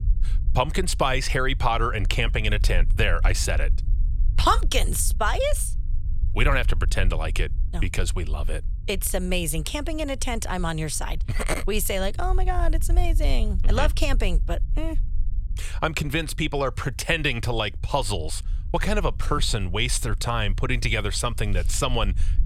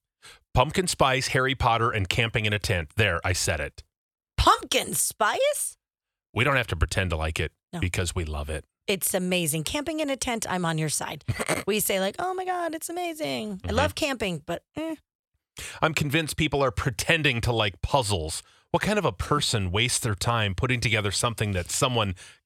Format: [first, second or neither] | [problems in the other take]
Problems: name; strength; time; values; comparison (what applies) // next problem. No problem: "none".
second | low rumble; faint; throughout; 25 dB below the speech